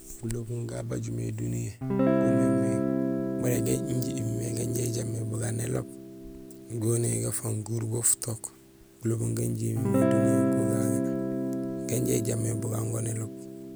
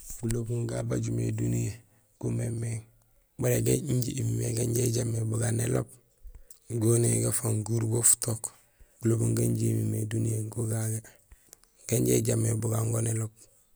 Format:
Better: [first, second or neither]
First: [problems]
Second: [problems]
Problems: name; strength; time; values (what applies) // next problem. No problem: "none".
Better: second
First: background sound (Guitar); 1 dB above the speech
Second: none